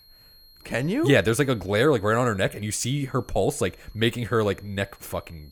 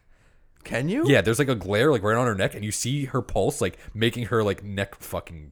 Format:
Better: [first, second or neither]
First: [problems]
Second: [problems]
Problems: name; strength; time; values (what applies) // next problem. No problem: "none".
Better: second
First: high-pitched whine; faint; throughout; 4 kHz, 30 dB below the speech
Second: none